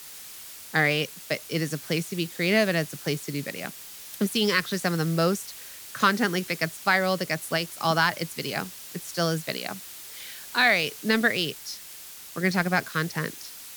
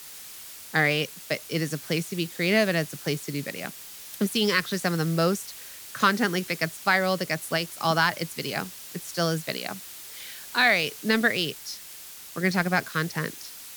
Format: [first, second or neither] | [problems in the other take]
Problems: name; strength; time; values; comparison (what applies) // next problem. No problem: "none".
neither | hiss; noticeable; throughout; 15 dB below the speech; the same in both